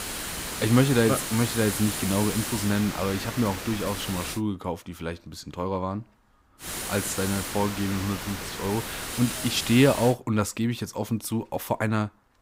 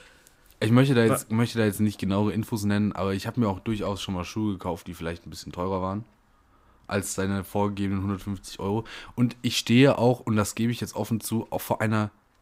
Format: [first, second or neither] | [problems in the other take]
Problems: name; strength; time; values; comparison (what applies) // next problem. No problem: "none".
second | hiss; loud; until 4.5 s and from 6.5 to 10 s; 5 dB below the speech